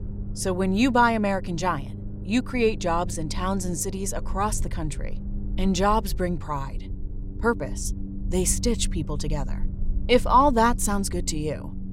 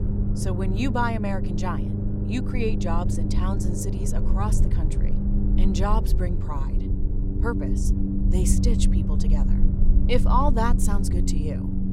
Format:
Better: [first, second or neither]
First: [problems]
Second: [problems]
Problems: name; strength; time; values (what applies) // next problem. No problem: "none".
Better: first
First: low rumble; faint; throughout; 20 dB below the speech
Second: low rumble; loud; throughout; 6 dB below the speech